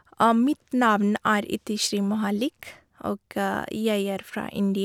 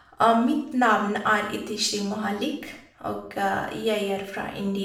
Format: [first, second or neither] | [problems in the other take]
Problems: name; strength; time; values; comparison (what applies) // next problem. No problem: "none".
first | room echo; dies away in 0.6 s